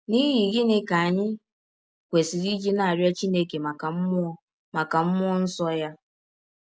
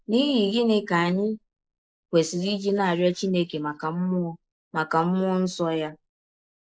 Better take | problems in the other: first | noise reduction (neural mask model Resemble Enhance denoiser)

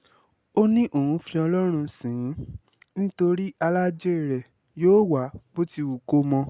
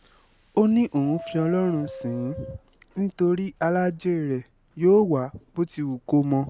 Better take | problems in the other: first | background sound (Subway, metro, underground); 19 dB below the speech

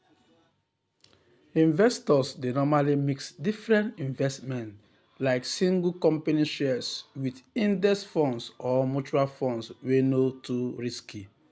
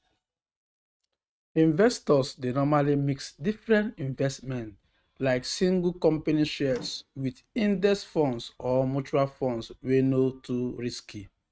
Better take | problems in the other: first | noise reduction (neural mask model RNNoise)

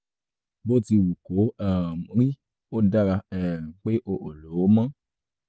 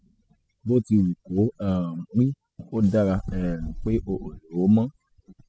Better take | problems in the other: first | noise reduction (classical method spectral subtraction)

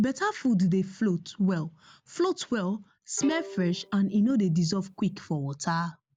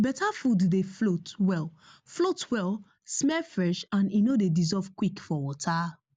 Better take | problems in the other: second | background sound (Bowed string instrument); 17 dB below the speech

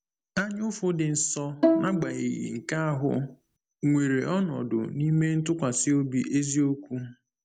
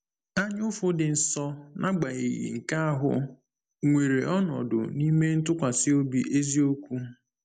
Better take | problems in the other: second | background sound (Bowed string instrument); 2 dB below the speech

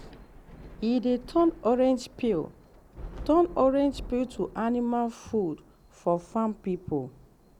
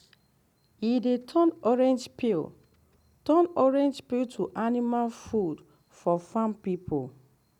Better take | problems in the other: second | background sound (Thunder / Rain); 18 dB below the speech

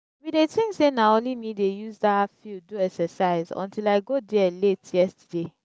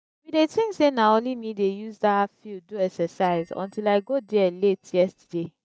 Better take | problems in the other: first | noise reduction (neural mask model DeepFilterNet 3)

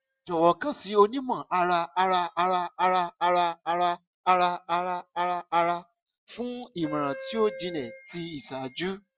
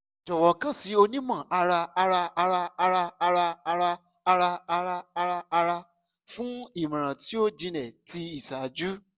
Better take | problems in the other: second | noise reduction (classical method Wiener filter)

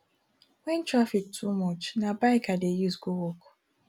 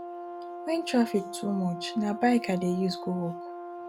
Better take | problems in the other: first | background sound (Brass instrument); 10 dB below the speech

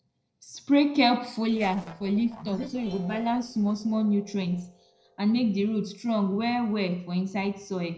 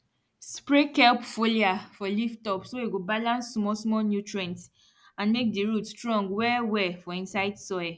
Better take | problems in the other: second | noise reduction (neural separator model SepFormer DNS4)

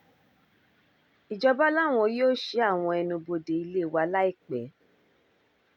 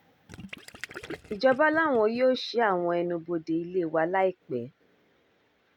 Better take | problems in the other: first | background sound (Gurgling); 16 dB below the speech

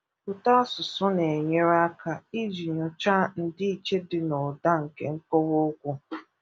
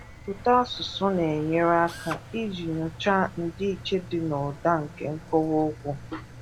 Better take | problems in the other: first | background sound (Drill + Engine); 16 dB below the speech

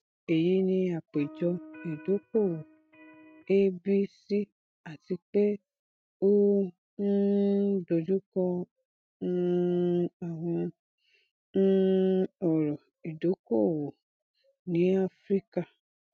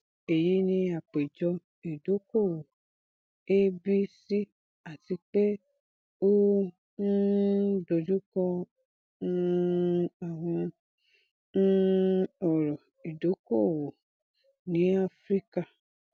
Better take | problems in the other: second | noise reduction (neural mask model RNNoise)

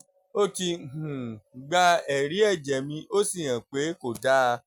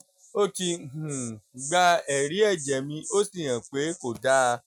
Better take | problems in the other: first | noise reduction (neural mask model RNNoise)

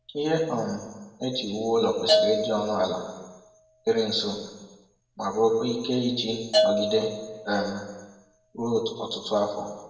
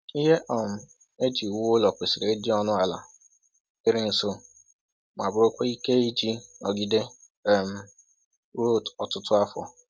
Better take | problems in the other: second | background sound (Bell / Percussion); 4 dB below the speech // room echo; dies away in 1.1 s

